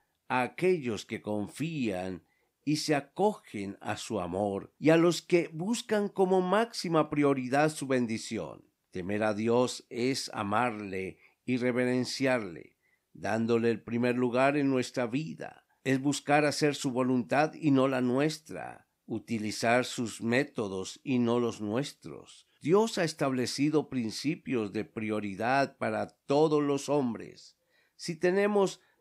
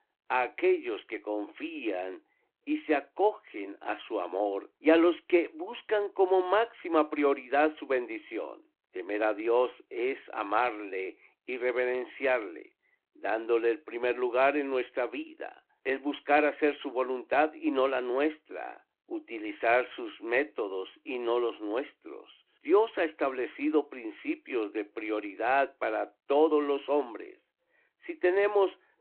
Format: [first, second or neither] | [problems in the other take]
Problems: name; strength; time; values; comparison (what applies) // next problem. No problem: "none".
first | phone-call audio